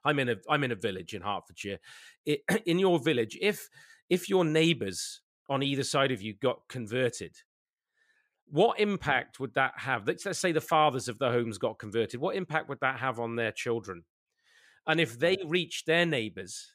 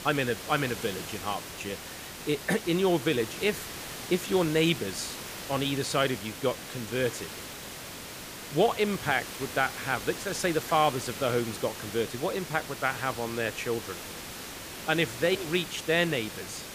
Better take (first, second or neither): first